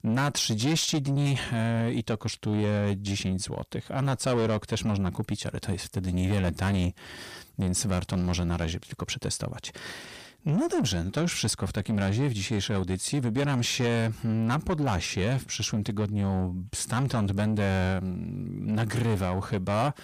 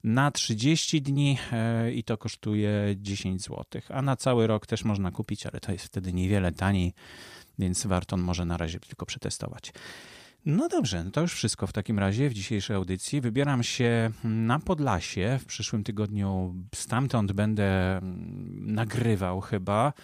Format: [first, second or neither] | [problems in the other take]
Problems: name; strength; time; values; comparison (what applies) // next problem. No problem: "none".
second | distortion; slight; 10 dB below the speech